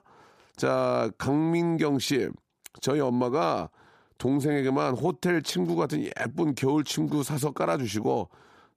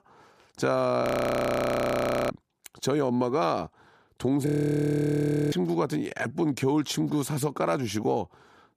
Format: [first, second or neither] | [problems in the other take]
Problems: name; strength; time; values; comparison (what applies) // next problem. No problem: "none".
first | audio freezing; at 1 s for 1.5 s and at 4.5 s for 1 s